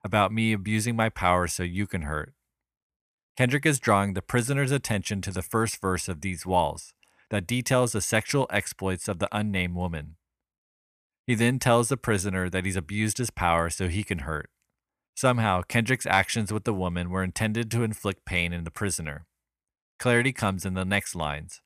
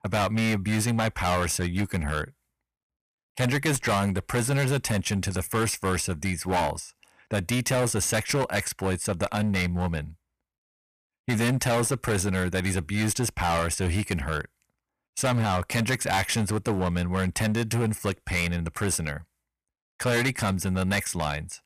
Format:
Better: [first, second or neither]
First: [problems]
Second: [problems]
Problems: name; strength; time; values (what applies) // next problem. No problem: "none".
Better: first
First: none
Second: distortion; heavy; 15% of the sound clipped